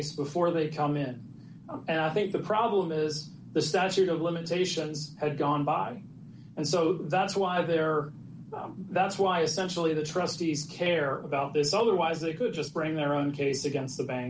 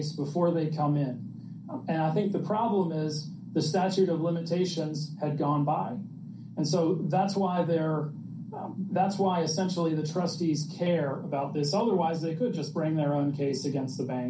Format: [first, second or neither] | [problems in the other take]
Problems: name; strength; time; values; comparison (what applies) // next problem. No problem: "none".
first | room echo; dies away in 0.3 s